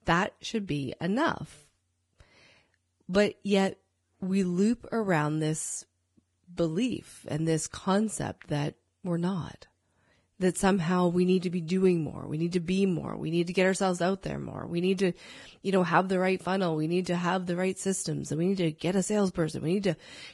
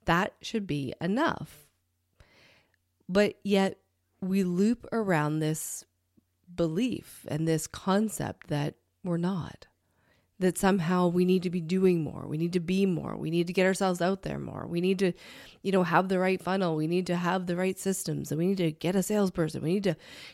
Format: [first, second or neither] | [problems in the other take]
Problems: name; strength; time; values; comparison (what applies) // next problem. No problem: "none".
second | garbled, watery; badly; nothing above 11 kHz